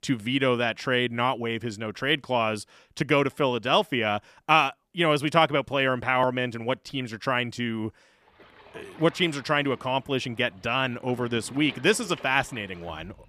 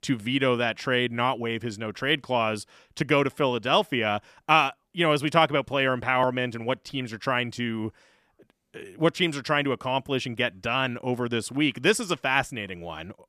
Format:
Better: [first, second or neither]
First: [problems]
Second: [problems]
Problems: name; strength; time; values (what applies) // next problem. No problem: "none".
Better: second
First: rain or running water; faint; from 8.5 s on; 20 dB below the speech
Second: none